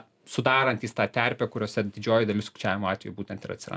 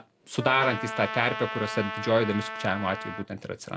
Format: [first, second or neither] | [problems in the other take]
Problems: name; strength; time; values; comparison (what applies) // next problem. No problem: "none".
first | background sound (Trumpet); 8 dB below the speech